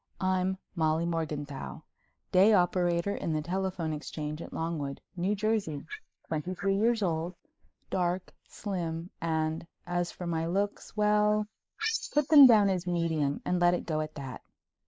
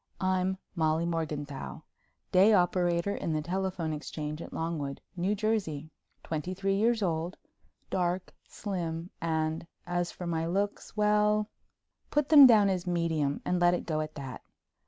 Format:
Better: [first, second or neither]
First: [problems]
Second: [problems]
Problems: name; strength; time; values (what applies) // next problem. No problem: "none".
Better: second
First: noise reduction (neural mask model Resemble Enhance denoiser)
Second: none